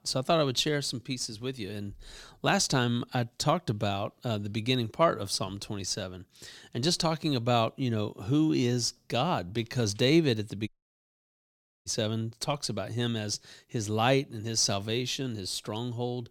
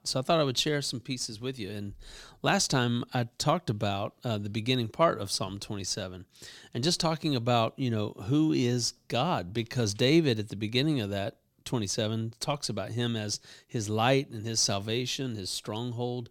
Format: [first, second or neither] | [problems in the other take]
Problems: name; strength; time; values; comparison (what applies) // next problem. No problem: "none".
second | audio cutting out; at 11 s for 1 s